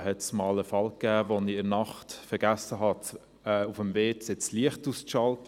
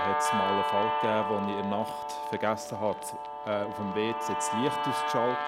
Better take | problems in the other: first | background sound (Guitar); 1 dB above the speech

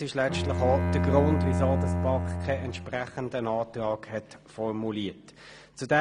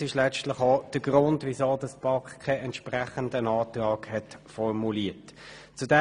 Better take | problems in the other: second | background sound (Bowed string instrument); 1 dB above the speech

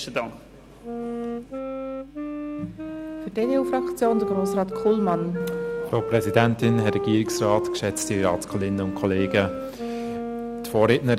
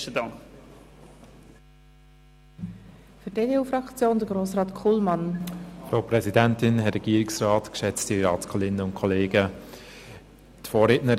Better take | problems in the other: second | background sound (Wind instrument, woodwind instrument); 5 dB below the speech

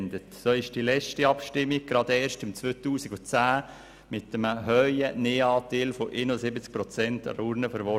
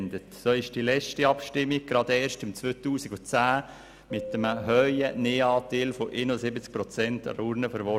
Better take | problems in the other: first | background sound (Keyboard (musical)); 19 dB below the speech

